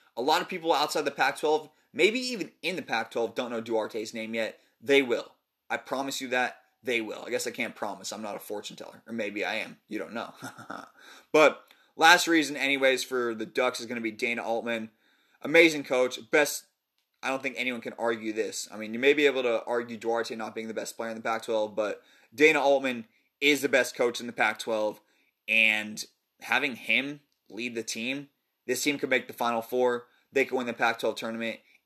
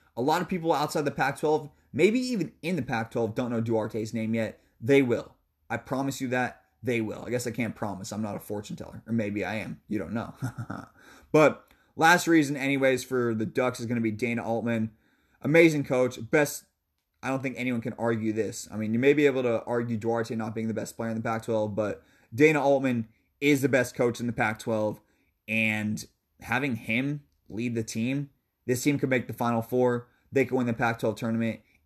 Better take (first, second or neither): second